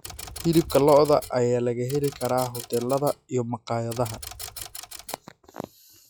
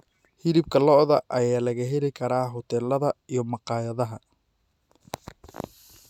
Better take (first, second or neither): second